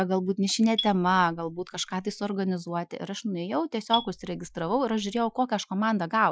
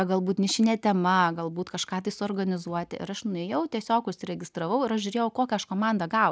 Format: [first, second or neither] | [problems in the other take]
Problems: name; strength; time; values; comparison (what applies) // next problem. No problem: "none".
second | noise reduction (classical method Wiener filter)